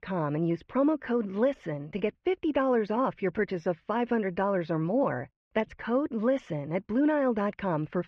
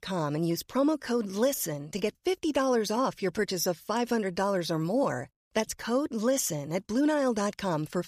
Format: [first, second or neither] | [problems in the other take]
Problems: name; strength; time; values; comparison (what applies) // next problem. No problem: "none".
second | muffled; very; fading above 2.5 kHz